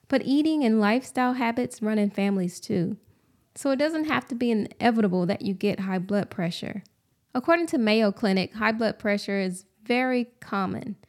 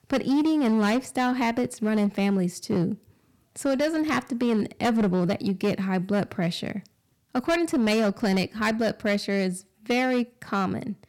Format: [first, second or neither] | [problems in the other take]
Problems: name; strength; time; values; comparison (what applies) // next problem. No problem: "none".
first | distortion; slight; 10% of the sound clipped